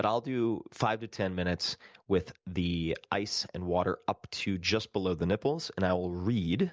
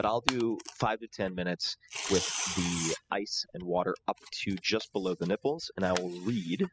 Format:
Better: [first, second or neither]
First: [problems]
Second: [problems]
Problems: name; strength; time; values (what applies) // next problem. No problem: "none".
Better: first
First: none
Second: noise reduction (classical method spectral subtraction)